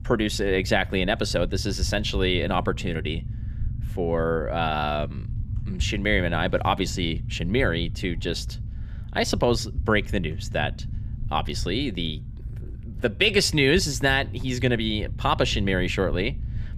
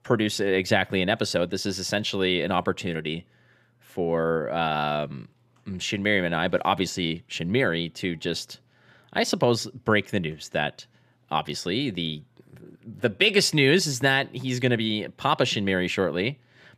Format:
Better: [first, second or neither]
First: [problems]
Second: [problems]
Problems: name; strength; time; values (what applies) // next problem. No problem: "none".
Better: second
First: low rumble; faint; throughout; 25 dB below the speech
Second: none